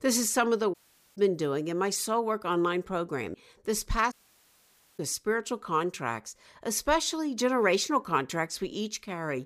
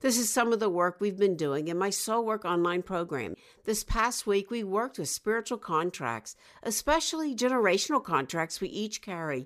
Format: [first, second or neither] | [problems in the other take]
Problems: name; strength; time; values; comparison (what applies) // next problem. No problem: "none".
second | audio cutting out; at 0.5 s and at 4 s for 1 s